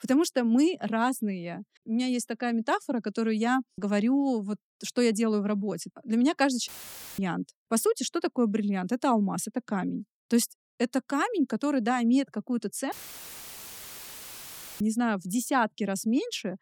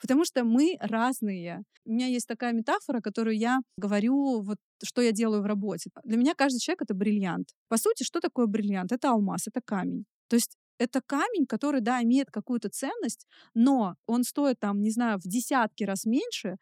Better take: second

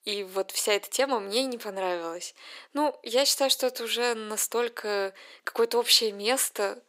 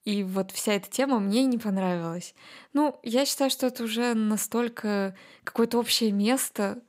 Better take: second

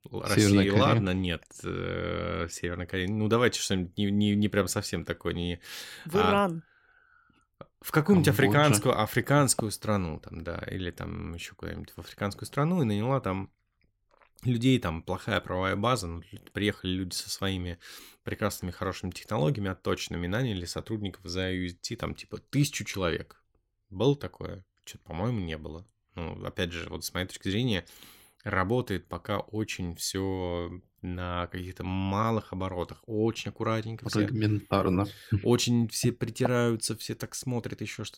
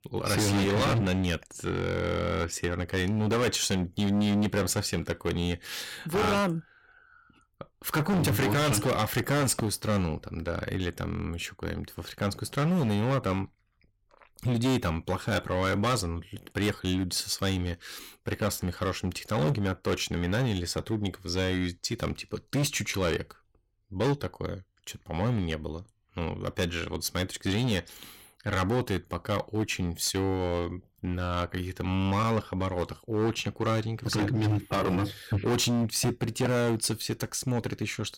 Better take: first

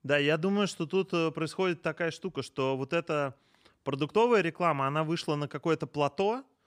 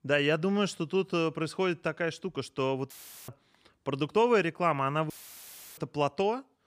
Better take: first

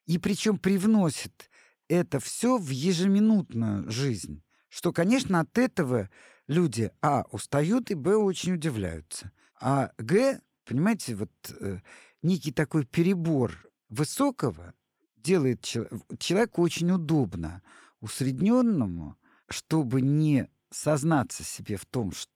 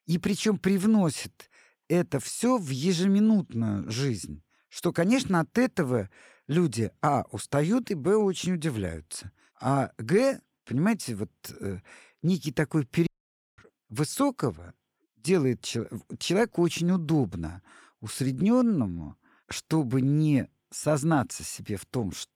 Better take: first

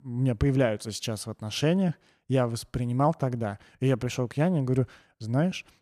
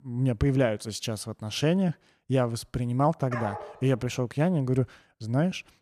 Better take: first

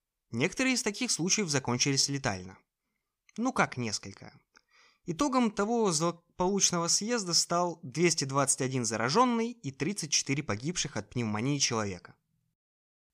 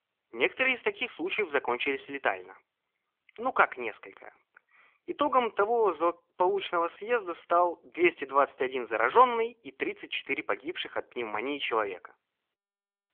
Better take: first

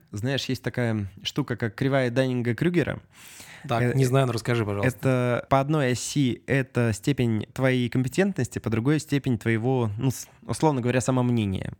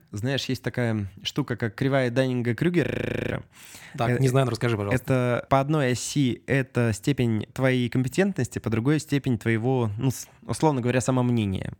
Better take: first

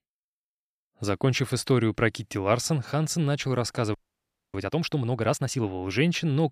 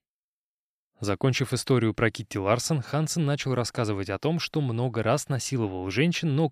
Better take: second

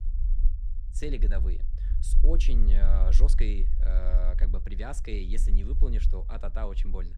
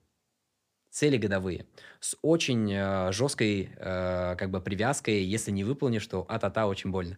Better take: second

